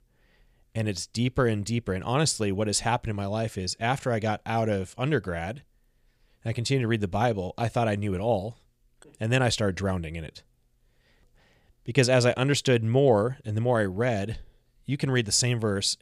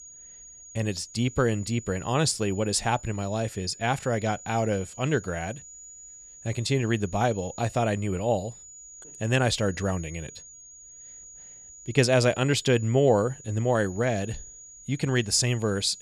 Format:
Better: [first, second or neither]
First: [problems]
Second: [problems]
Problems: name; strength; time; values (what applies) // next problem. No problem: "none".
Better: first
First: none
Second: high-pitched whine; noticeable; throughout; 7 kHz, 20 dB below the speech